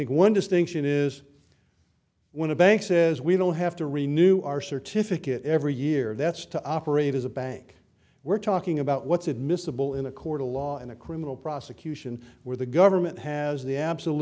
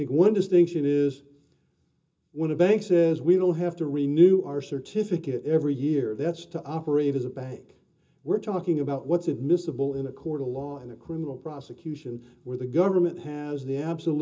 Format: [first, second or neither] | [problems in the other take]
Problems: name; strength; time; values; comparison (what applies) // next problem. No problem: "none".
first | room echo; dies away in 0.2 s